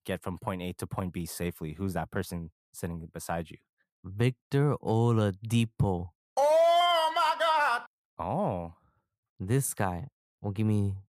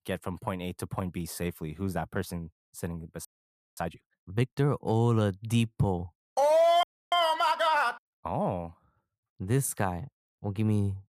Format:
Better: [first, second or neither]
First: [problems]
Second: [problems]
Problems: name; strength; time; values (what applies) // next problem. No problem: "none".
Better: first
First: none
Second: audio freezing; at 3.5 s for 0.5 s and at 7 s